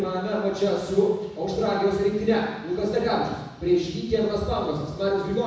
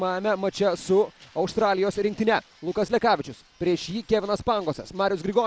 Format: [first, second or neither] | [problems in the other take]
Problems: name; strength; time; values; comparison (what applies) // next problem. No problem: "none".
second | room echo; dies away in 1.1 s